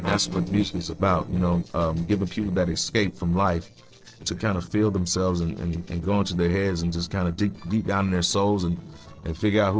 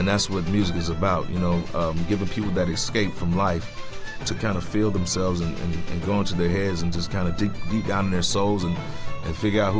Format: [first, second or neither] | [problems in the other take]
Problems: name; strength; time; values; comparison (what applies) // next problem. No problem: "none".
second | noise reduction (neural separator model SepFormer DNS4)